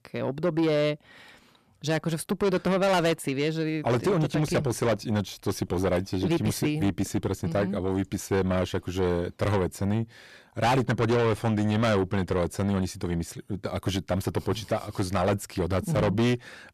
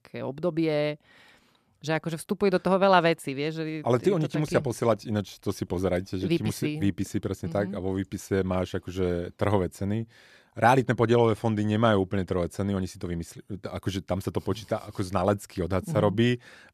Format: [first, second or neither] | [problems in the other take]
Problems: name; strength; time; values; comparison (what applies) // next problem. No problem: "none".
second | distortion; heavy; 7 dB below the speech